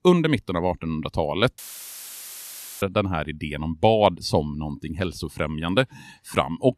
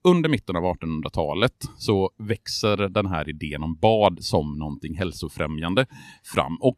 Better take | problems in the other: second | audio cutting out; filled with static; at 1.5 s for 1 s

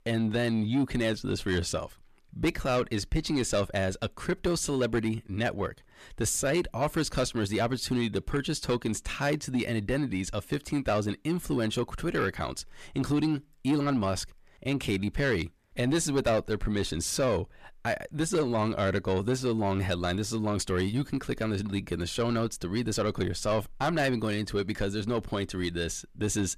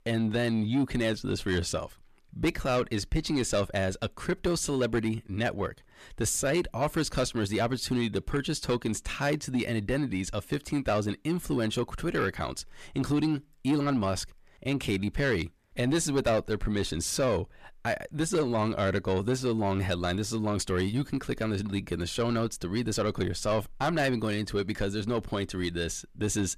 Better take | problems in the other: neither | distortion; slight; 10 dB below the speech; the same in both

